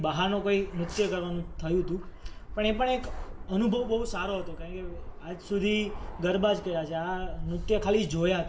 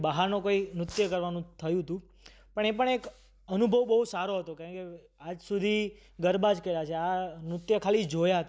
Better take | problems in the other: second | background sound (Fixed-wing aircraft, airplane); 9 dB below the speech // room echo; dies away in 0.5 s

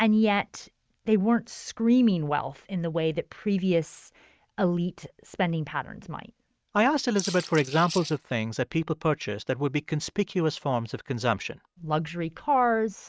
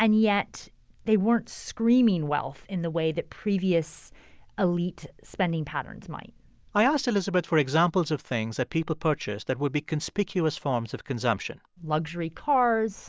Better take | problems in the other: second | noise reduction (neural mask model RNNoise)

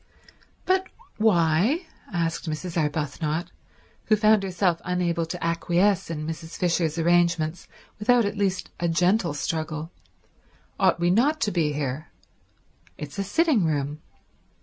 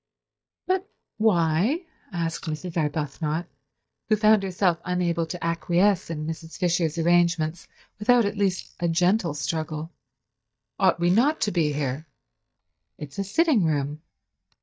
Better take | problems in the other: first | noise reduction (neural mask model DeepFilterNet 3)

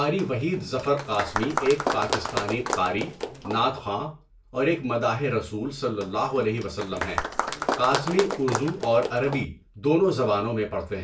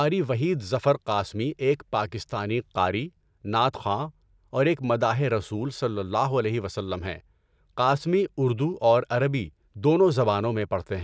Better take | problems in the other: second | background sound (Applause); 5 dB below the speech // room echo; dies away in 0.3 s

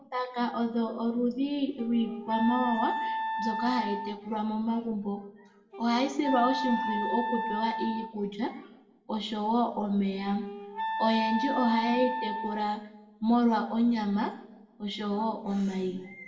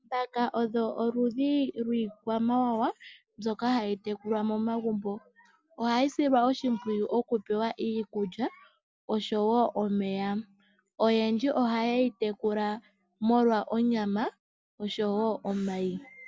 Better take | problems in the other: second | background sound (Wind instrument, woodwind instrument); 5 dB below the speech // room echo; dies away in 0.6 s

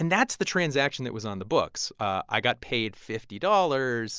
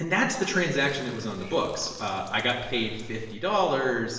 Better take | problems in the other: first | background sound (Chirp, tweet); 20 dB below the speech // room echo; dies away in 1 s

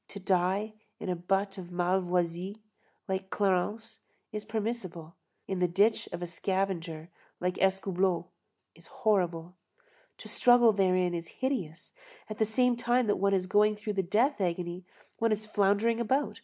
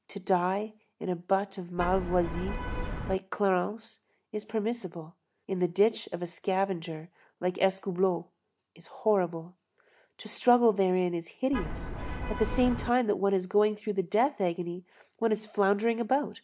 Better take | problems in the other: first | background sound (Vehicle horn, car horn, honking); 4 dB below the speech

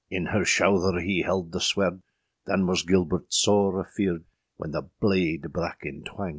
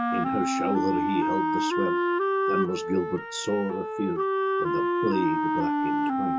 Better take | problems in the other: first | background sound (Wind instrument, woodwind instrument); 5 dB above the speech // room echo; dies away in 0.2 s

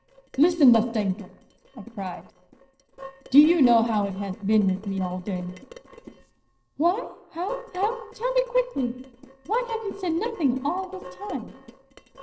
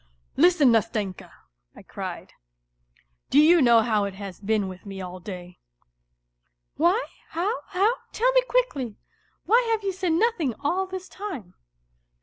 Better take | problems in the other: second | noise reduction (neural separator model SepFormer DNS4)

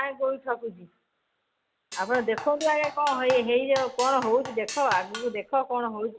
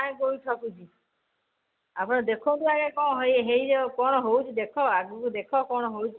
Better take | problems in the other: second | background sound (Drum kit); 11 dB below the speech

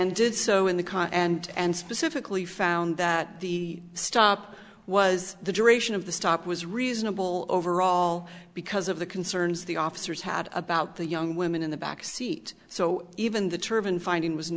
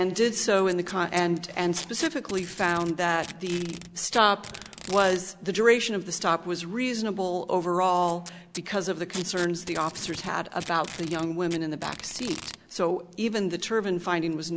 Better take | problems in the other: first | background sound (Packing tape, duct tape); 17 dB below the speech

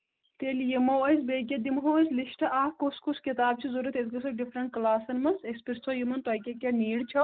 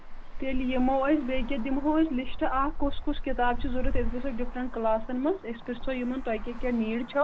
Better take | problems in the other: first | background sound (Traffic noise, roadway noise); 2 dB below the speech

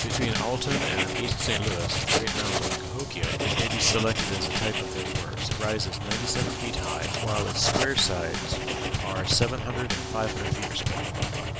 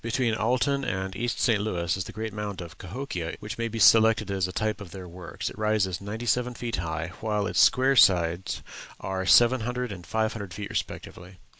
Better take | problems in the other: second | background sound (Writing + Bass drum / Snare drum / Drum kit); 2 dB above the speech

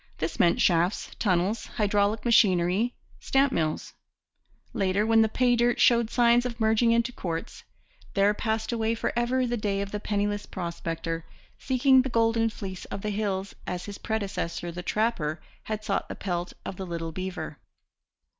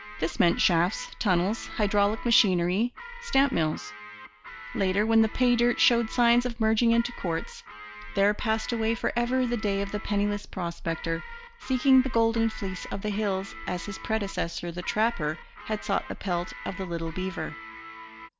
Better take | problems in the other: first | background sound (Guitar); 16 dB below the speech

